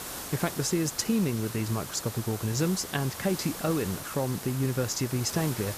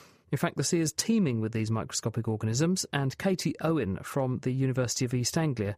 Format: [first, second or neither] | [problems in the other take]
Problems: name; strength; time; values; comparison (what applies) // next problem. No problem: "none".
second | hiss; loud; throughout; 8 dB below the speech